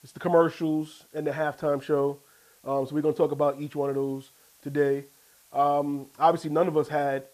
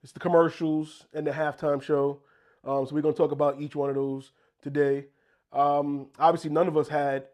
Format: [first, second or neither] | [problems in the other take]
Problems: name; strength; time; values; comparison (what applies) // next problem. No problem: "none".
second | hiss; faint; throughout; 30 dB below the speech